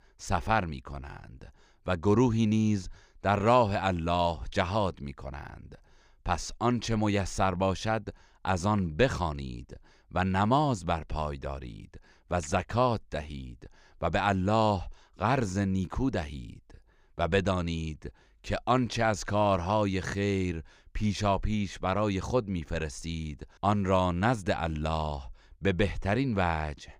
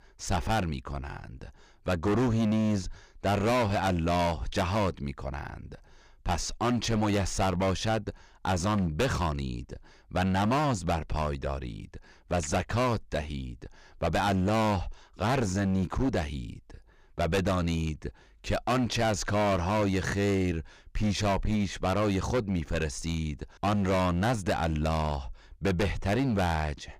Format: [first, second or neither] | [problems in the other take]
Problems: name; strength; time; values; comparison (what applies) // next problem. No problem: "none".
first | distortion; heavy; 14% of the sound clipped